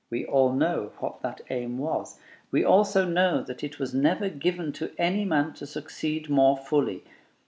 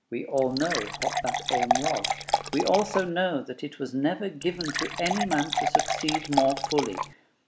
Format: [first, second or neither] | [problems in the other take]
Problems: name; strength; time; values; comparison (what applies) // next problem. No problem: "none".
first | background sound (Fill (with liquid) / Water); as loud as the speech